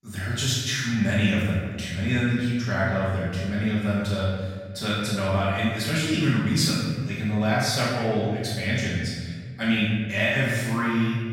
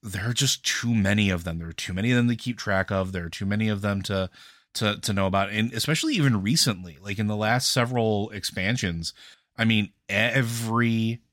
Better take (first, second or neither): second